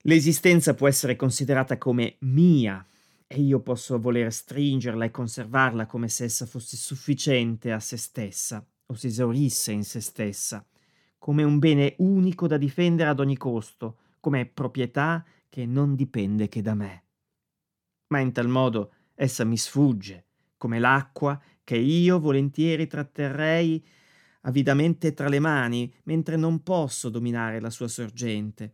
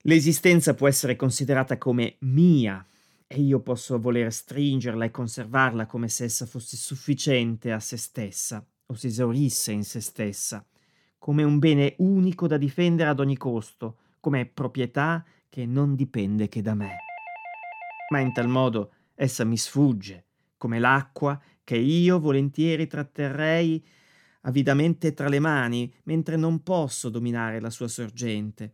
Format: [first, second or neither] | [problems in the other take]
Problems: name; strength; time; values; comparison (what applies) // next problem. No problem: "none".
first | doorbell; faint; from 17 to 19 s; peak 15 dB below the speech